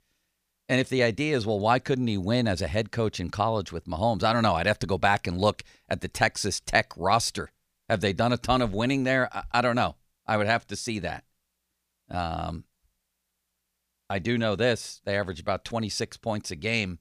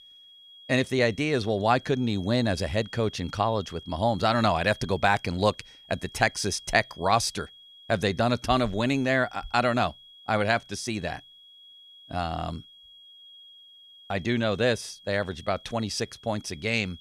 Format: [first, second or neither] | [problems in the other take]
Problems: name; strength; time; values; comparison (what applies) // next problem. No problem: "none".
first | high-pitched whine; faint; throughout; 3.5 kHz, 20 dB below the speech